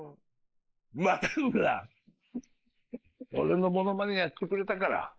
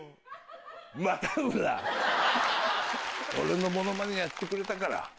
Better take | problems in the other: second | noise reduction (neural mask model Resemble Enhance denoiser)

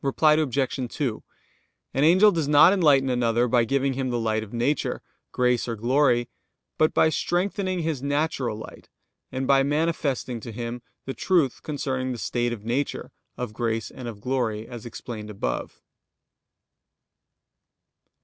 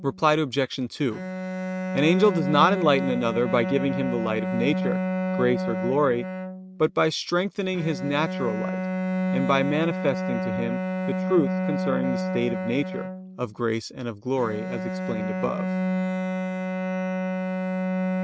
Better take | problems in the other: first | noise reduction (neural mask model RNNoise)

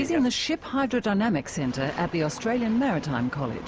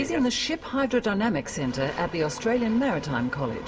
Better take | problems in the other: first | room echo; dies away in 0.3 s

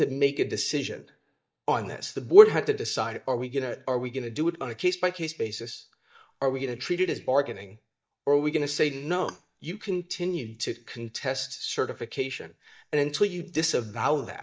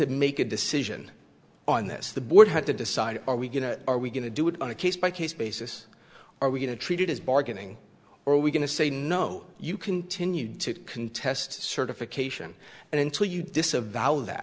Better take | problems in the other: second | noise reduction (neural mask model DeepFilterNet 3)

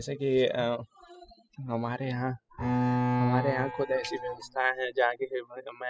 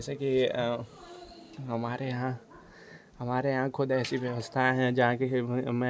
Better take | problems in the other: second | noise reduction (classical method spectral subtraction)

